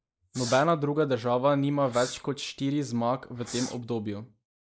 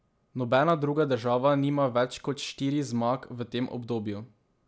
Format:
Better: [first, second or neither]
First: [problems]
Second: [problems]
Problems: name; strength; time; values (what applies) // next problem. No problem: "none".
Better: second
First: noise reduction (neural mask model Resemble Enhance denoiser)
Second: none